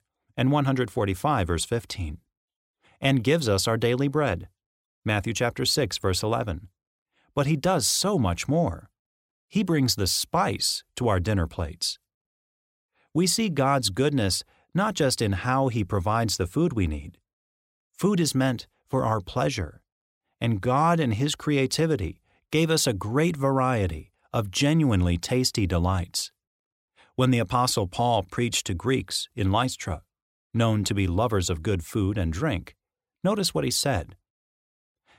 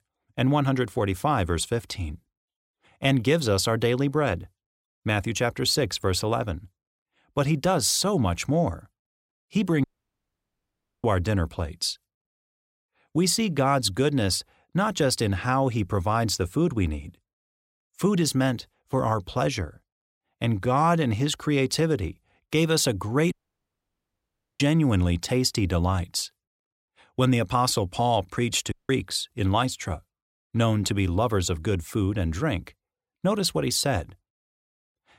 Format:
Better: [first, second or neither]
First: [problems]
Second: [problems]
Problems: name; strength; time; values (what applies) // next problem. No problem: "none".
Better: first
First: none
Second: audio cutting out; at 10 s for 1 s, at 23 s for 1.5 s and at 29 s